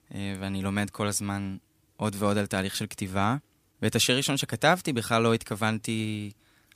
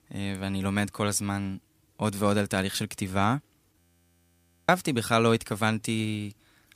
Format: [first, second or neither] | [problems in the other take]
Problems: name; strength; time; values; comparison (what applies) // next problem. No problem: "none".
first | audio freezing; at 4 s for 1 s